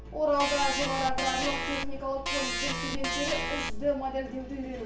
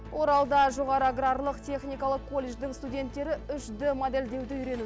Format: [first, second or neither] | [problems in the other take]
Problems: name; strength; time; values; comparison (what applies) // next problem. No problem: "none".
second | background sound (Organ); as loud as the speech // room echo; dies away in 0.3 s